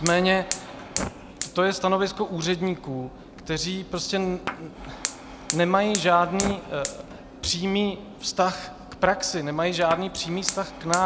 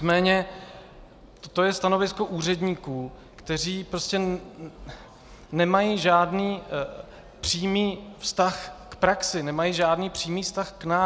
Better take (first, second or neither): second